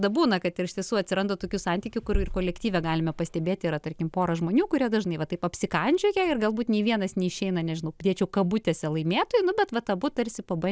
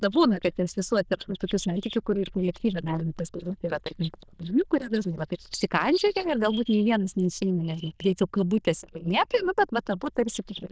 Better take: first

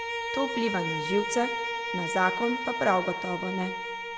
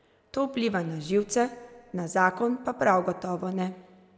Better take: second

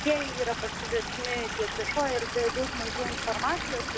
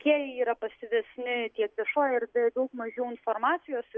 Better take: second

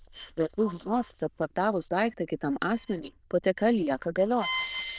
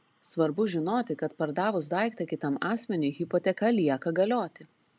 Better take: second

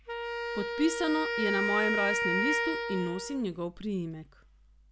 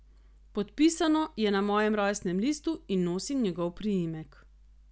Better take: second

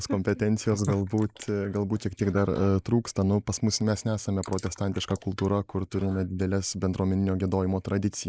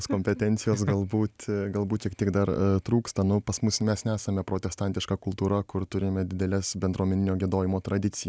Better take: second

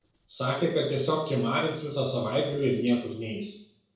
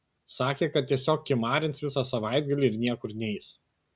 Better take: second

